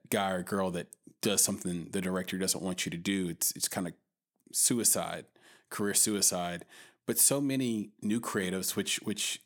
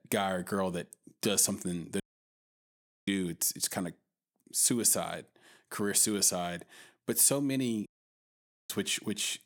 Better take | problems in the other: first | audio cutting out; at 2 s for 1 s and at 8 s for 1 s

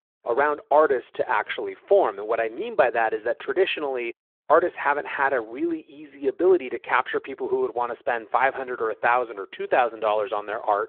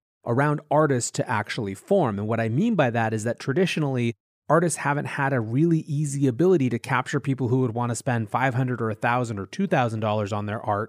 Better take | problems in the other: second | phone-call audio

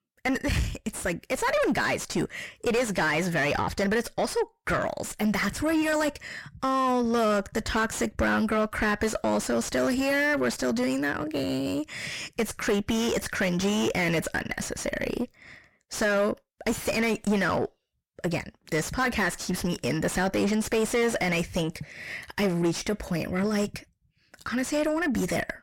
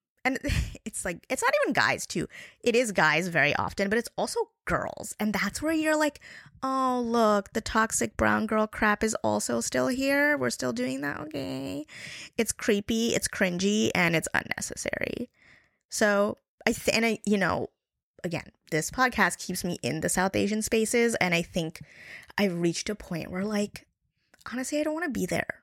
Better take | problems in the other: second | distortion; heavy; 5 dB below the speech

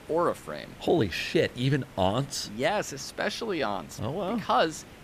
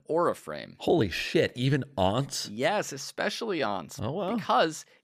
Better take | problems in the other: second | hiss; faint; throughout; 20 dB below the speech

